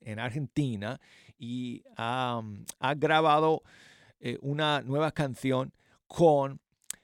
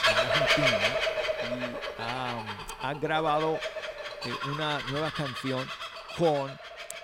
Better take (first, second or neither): first